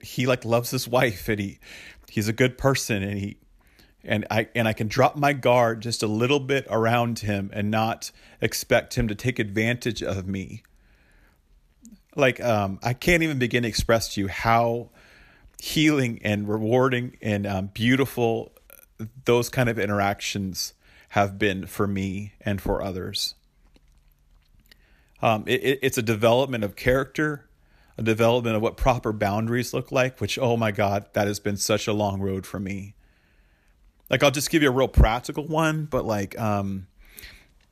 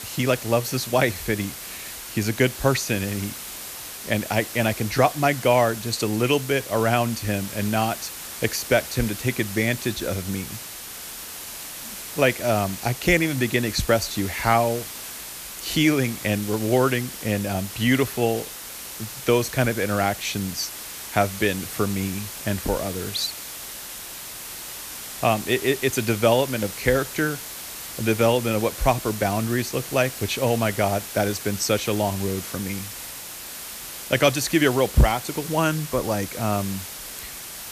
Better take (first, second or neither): first